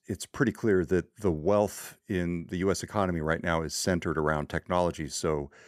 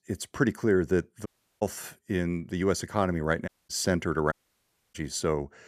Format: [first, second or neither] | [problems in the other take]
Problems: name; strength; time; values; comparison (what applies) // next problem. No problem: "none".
first | audio cutting out; at 1.5 s, at 3.5 s and at 4.5 s for 0.5 s